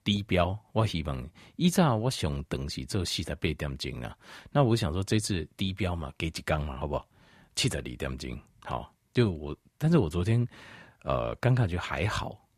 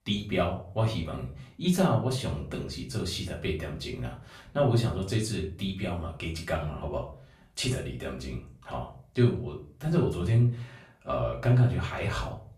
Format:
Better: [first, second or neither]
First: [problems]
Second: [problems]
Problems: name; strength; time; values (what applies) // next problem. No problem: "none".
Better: first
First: none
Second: off-mic speech; far // room echo; slight; dies away in 0.4 s